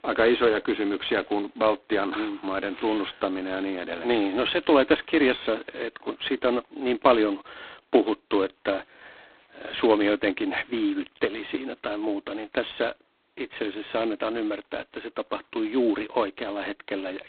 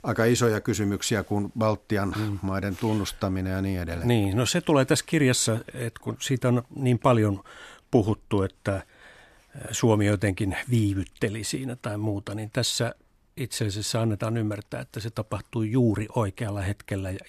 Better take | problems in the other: second | phone-call audio; poor line; nothing above 4 kHz

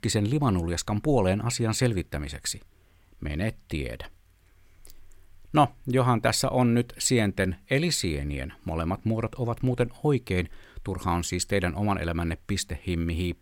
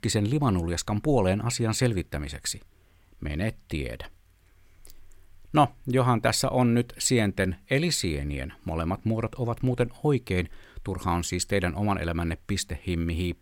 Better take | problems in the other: neither | none

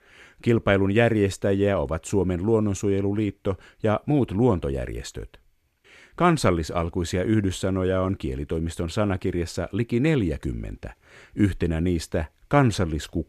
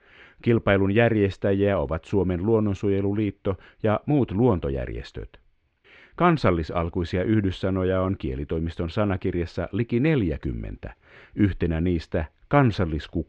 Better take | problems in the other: first | muffled; slightly; fading above 3.5 kHz

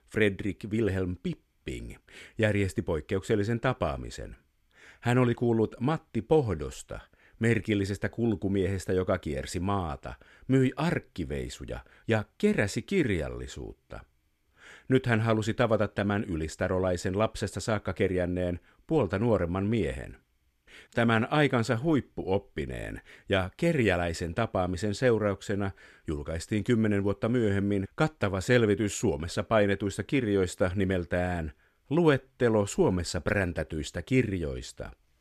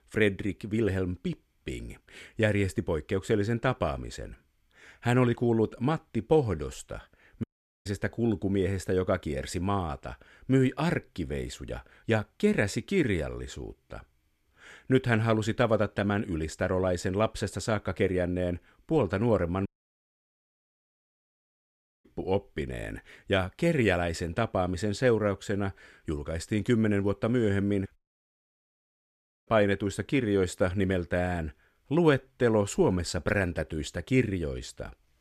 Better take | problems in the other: first | audio cutting out; at 7.5 s, at 20 s for 2.5 s and at 28 s for 1.5 s

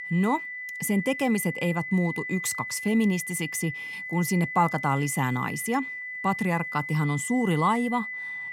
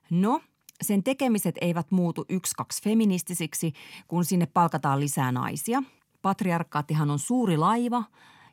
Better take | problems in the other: second | high-pitched whine; loud; throughout; 2 kHz, 7 dB below the speech

